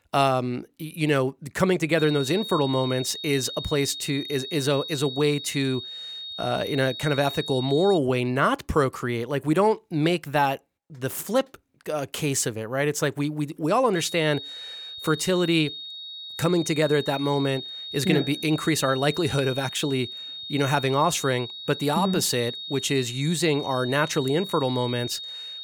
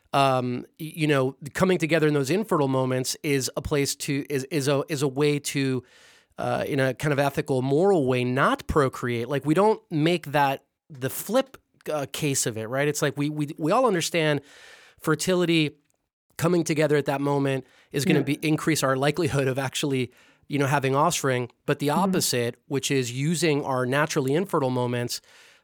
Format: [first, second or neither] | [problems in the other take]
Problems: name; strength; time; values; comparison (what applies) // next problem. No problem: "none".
second | high-pitched whine; loud; from 2 to 8 s and from 14 s on; 3.5 kHz, 9 dB below the speech